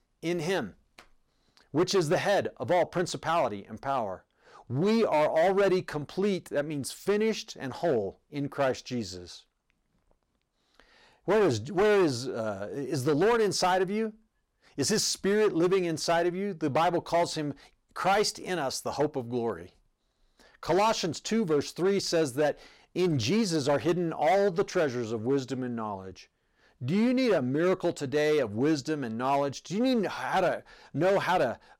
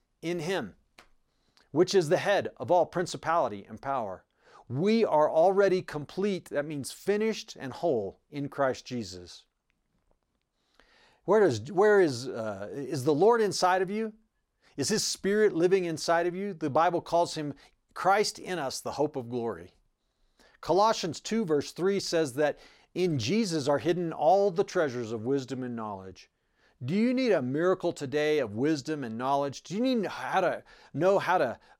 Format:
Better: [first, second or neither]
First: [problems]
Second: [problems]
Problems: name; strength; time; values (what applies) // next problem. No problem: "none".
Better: second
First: distortion; slight; 7% of the sound clipped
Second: none